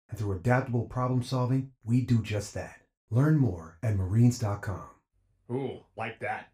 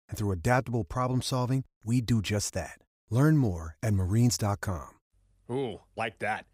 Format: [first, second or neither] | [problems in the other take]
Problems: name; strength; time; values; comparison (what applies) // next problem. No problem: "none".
second | room echo; very slight; dies away in 0.2 s // off-mic speech; somewhat distant